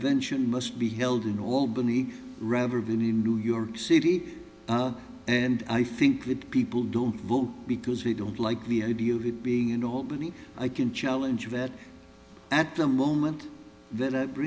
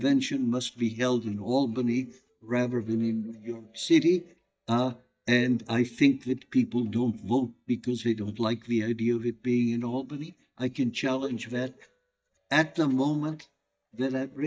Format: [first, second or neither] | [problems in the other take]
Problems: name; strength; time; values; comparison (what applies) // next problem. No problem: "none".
first | noise reduction (neural mask model DeepFilterNet 3)